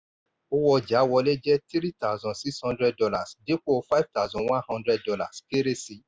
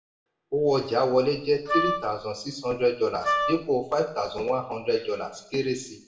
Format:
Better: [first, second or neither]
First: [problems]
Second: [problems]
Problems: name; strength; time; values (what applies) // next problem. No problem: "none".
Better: first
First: none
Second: background sound (Wind instrument, woodwind instrument); 1 dB below the speech // room echo; dies away in 0.6 s